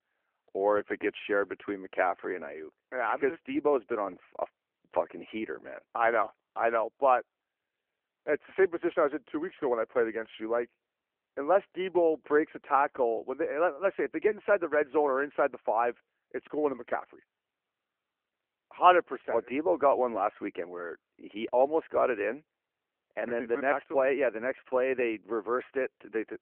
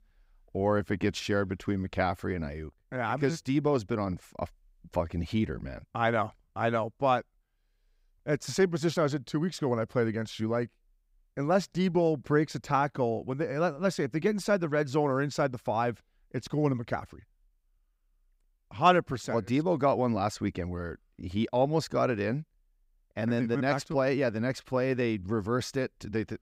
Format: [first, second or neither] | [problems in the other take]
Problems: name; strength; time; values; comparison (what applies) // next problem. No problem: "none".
second | phone-call audio